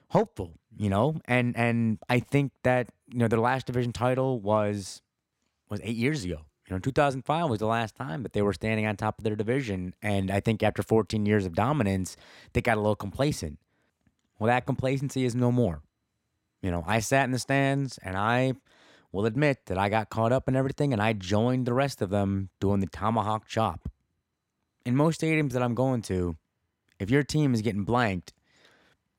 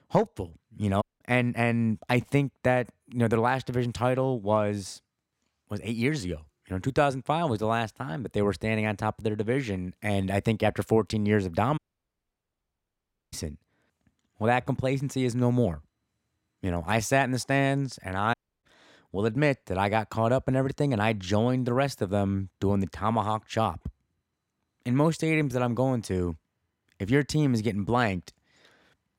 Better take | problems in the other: first | audio cutting out; at 1 s, at 12 s for 1.5 s and at 18 s

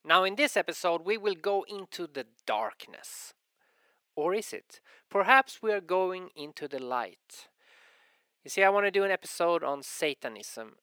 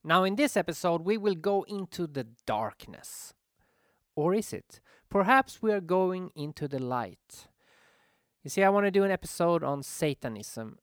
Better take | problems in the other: second | thin; somewhat; fading below 400 Hz

